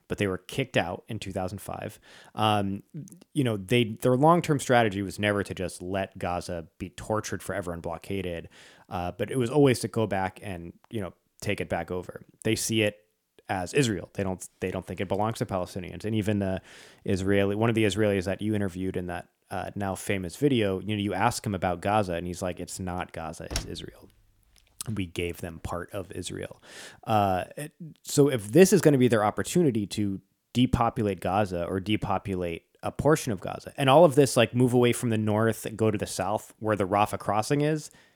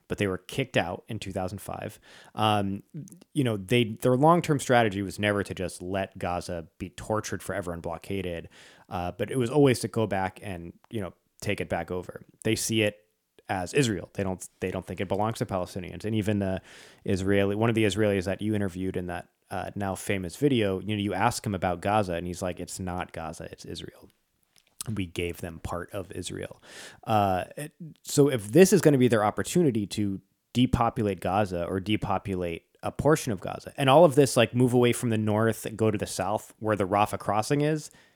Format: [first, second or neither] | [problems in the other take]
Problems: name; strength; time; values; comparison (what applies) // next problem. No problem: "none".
second | door banging; noticeable; at 24 s; peak 8 dB below the speech